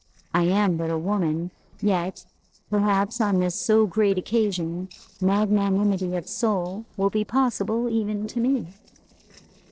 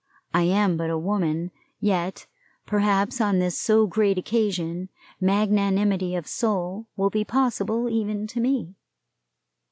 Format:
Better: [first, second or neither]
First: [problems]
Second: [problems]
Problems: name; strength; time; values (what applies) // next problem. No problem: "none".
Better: second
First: noise reduction (neural separator model SepFormer DNS4)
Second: none